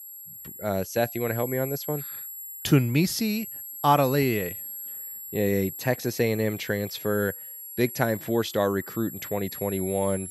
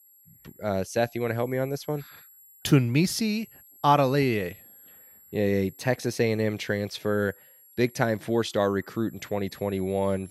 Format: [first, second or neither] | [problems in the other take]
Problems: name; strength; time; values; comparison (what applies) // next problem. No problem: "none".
second | high-pitched whine; loud; throughout; 11.5 kHz, 9 dB below the speech; faint in the second